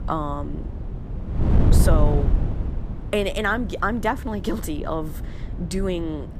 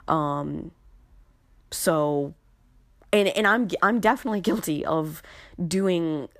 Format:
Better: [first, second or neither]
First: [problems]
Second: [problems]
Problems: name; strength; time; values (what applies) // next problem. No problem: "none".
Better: second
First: wind noise on the microphone; occasional gusts; 10 dB below the speech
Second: none